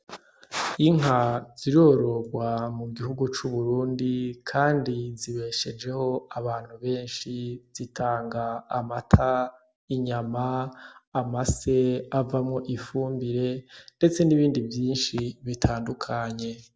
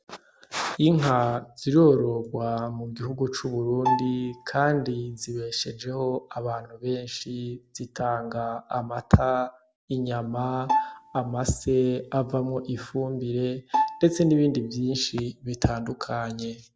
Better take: first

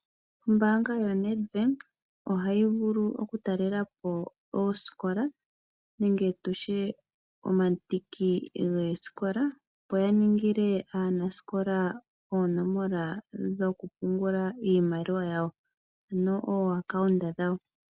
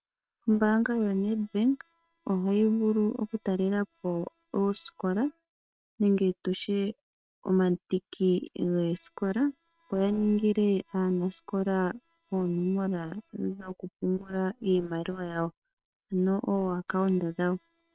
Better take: first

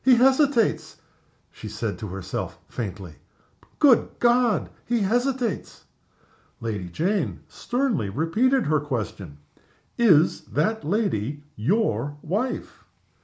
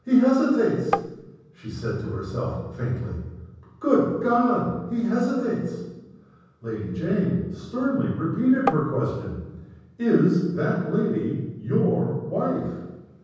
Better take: first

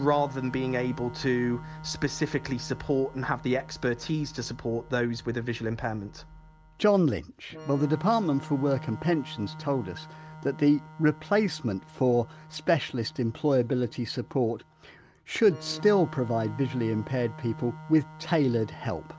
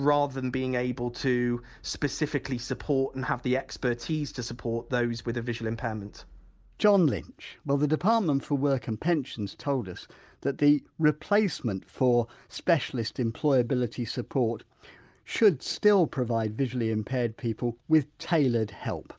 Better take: second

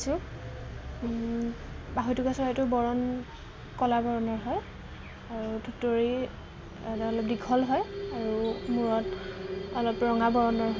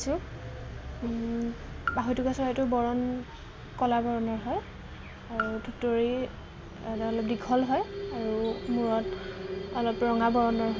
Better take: first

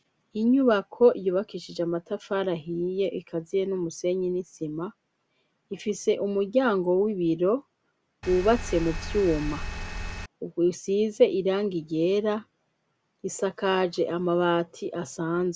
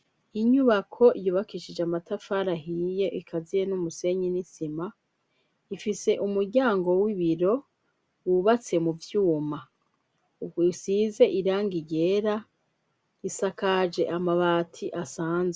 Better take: second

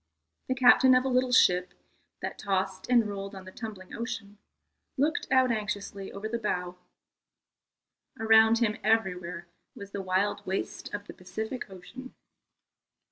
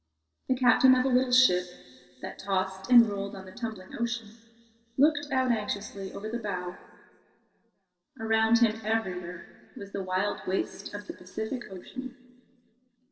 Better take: first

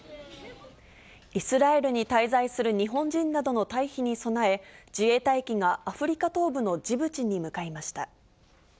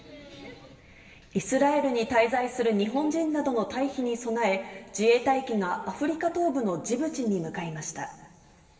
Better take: first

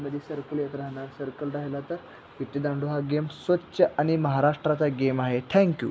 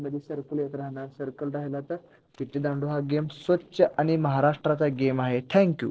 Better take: first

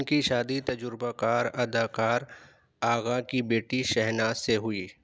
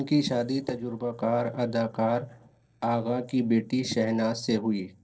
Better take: first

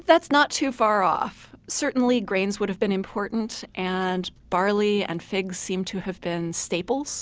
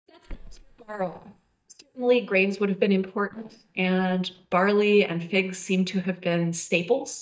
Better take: first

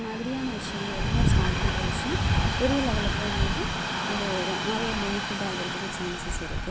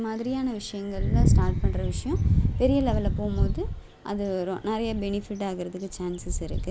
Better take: second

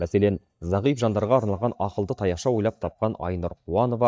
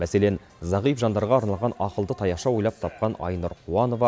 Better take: second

